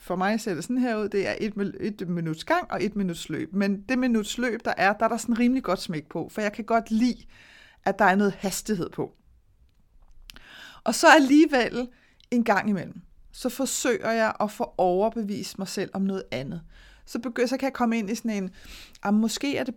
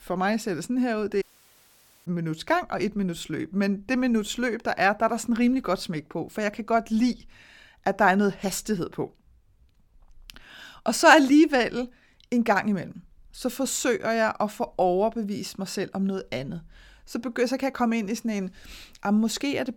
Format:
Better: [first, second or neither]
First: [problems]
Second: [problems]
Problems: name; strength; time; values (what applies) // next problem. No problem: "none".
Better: first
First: none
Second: audio cutting out; at 1 s for 1 s